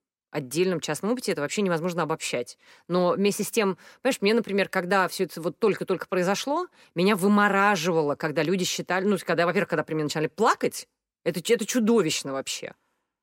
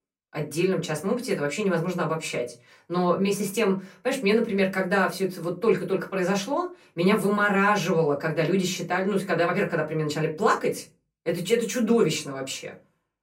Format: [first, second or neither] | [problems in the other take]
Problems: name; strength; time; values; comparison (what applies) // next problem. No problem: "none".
first | off-mic speech; far // room echo; very slight; dies away in 0.3 s